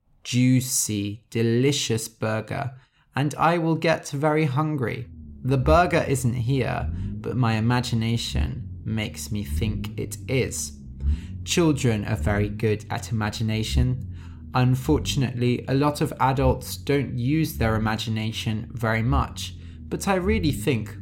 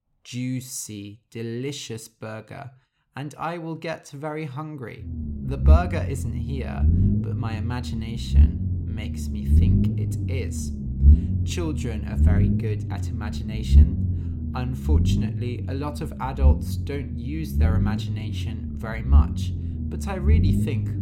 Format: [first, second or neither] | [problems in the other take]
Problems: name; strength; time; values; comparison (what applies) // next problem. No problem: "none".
first | low rumble; loud; from 5 s on; 2 dB below the speech; faint in the first